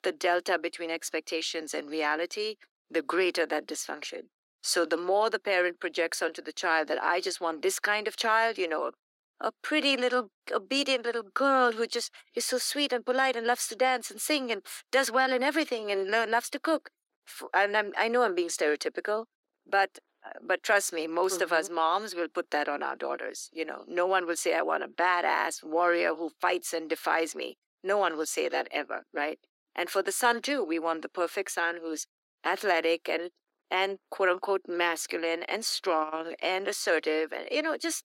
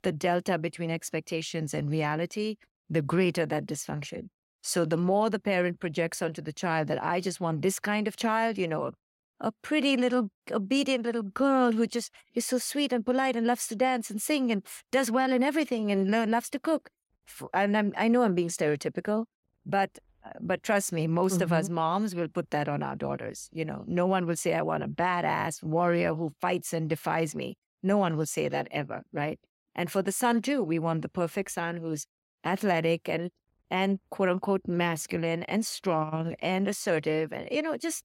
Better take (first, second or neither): second